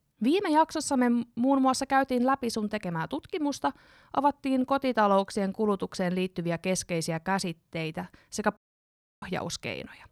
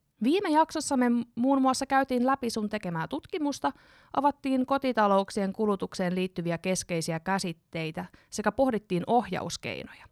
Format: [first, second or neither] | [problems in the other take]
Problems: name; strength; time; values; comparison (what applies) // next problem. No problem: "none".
second | audio cutting out; at 8.5 s for 0.5 s